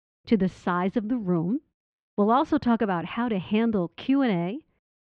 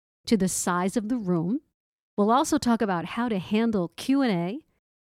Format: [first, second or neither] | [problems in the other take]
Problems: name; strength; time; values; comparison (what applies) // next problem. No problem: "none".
second | muffled; very; fading above 3 kHz